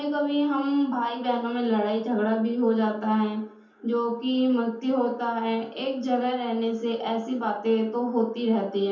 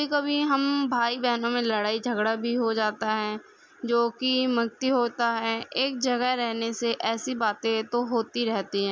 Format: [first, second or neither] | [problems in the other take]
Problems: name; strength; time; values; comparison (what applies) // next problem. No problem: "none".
second | room echo; dies away in 0.6 s